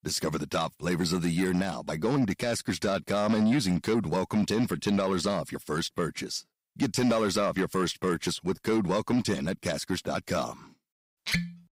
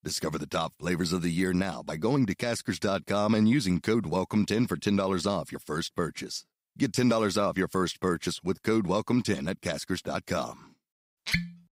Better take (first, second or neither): second